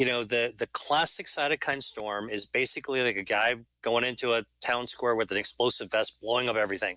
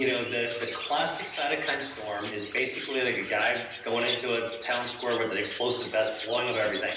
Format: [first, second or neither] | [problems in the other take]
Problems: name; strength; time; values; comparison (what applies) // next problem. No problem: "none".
first | background sound (Chirp, tweet); 11 dB below the speech // room echo; dies away in 0.9 s